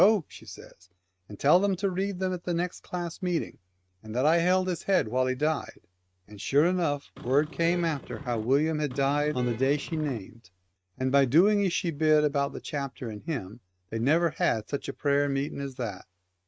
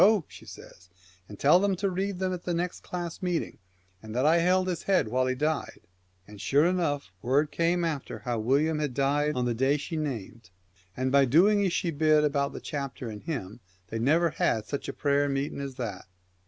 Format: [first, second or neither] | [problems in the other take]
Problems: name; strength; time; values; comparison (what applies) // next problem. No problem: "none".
second | noise reduction (neural mask model RNNoise)